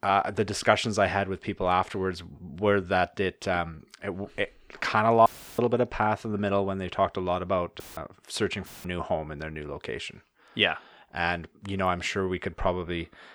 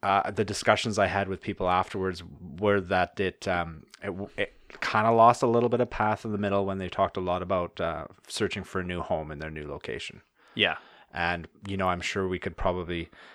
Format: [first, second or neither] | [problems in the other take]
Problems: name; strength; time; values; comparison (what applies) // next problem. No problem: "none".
second | audio cutting out; filled with static; at 5.5 s, at 8 s and at 8.5 s